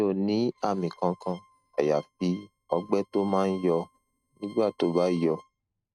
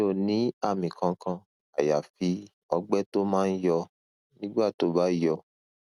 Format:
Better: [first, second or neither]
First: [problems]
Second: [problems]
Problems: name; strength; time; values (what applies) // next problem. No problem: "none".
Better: second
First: noise reduction (neural mask model RNNoise)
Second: none